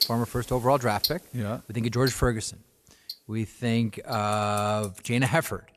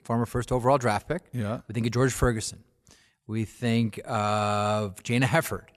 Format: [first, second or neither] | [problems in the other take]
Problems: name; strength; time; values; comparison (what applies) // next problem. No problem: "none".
second | household noises; loud; throughout; 8 dB below the speech